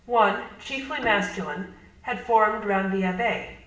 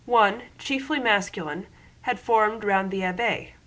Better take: second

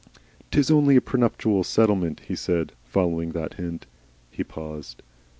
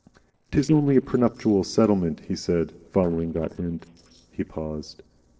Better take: first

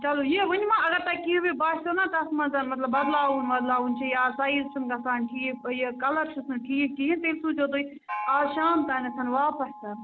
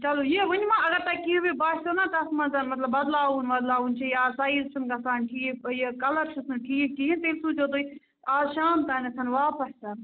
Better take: second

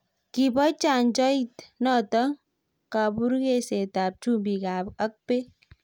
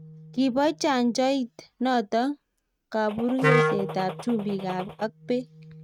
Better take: first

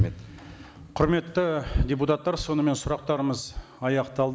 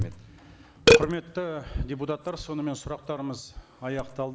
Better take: first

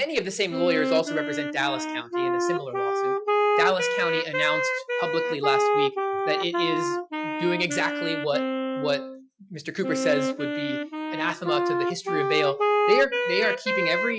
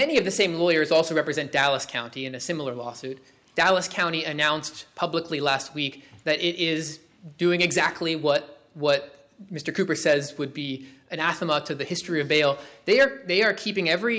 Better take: second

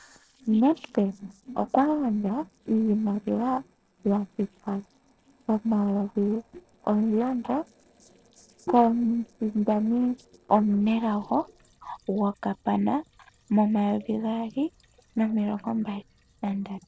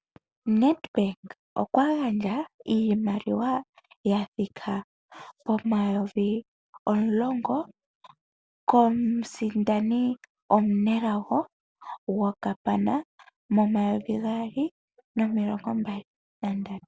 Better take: second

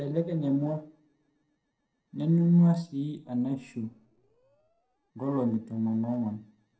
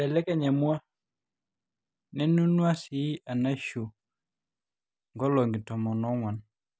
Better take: second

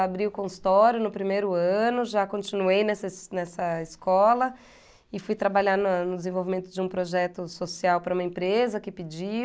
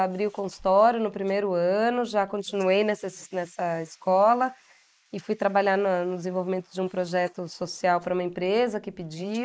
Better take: first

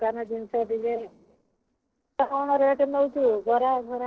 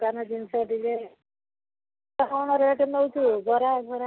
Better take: second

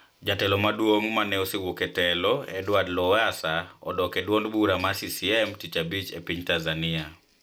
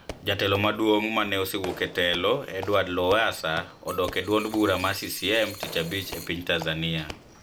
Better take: first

